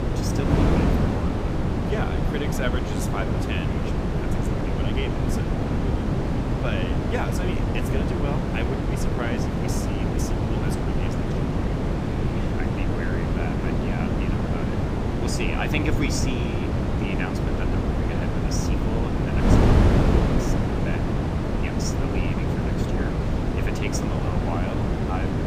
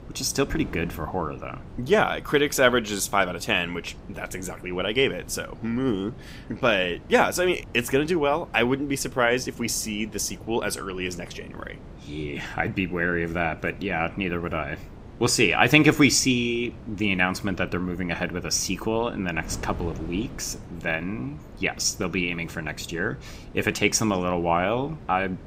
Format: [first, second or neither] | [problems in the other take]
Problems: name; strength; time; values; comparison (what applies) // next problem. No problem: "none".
second | wind noise on the microphone; heavy; 4 dB above the speech; occasional gusts in the second